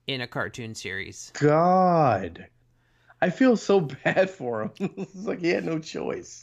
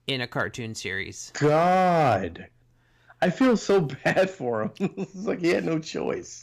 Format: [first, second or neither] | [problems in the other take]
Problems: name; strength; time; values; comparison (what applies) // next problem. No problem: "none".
first | distortion; slight; 5% of the sound clipped